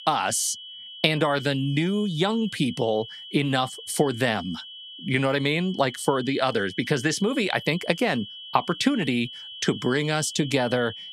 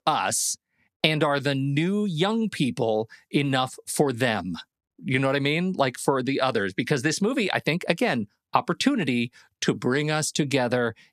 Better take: second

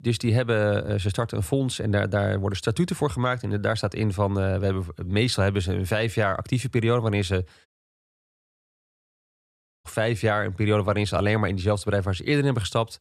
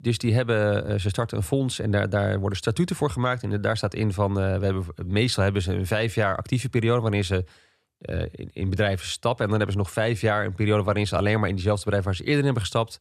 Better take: second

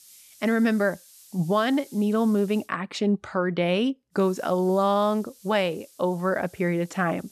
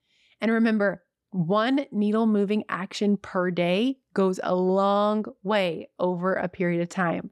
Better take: second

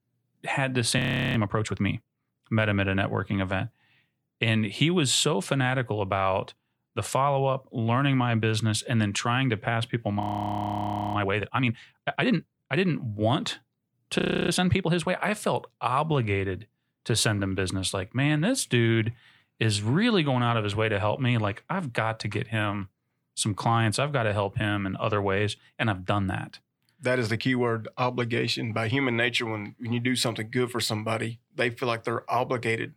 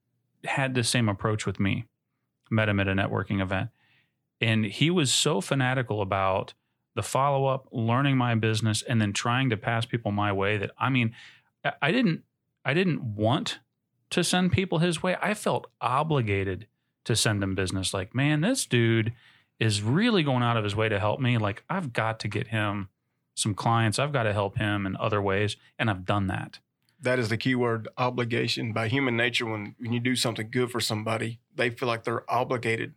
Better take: second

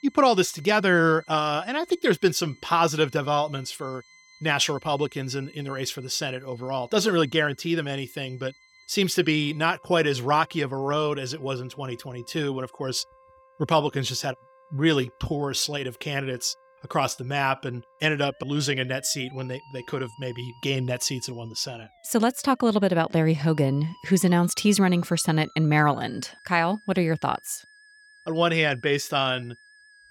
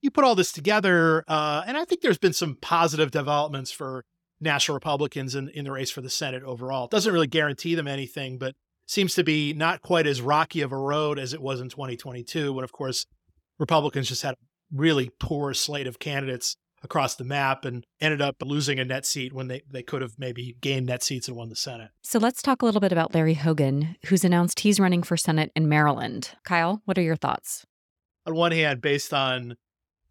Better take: second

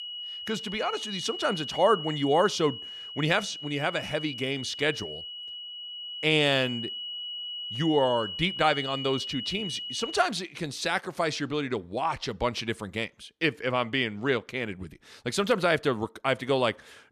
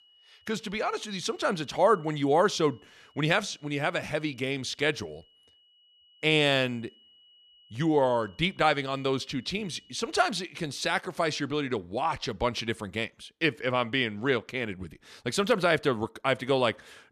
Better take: second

